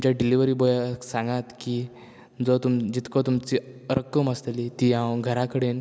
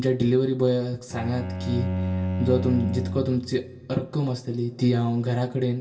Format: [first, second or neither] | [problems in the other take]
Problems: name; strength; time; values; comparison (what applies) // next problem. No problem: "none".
first | background sound (Bowed string instrument); 5 dB below the speech // room echo; dies away in 0.2 s